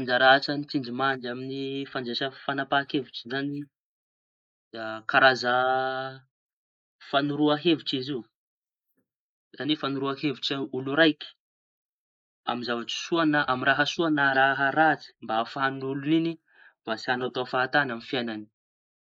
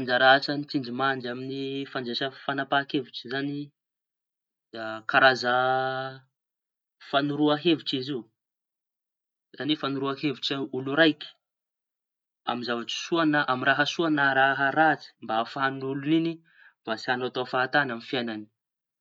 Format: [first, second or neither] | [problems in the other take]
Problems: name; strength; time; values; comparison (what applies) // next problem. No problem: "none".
second | noise reduction (neural mask model Resemble Enhance denoiser)